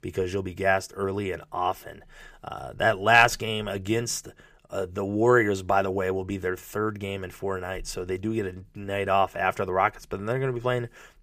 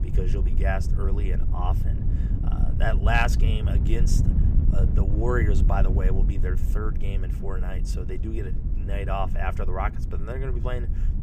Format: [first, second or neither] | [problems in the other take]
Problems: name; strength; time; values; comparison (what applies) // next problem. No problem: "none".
first | wind noise on the microphone; heavy; 9 dB below the speech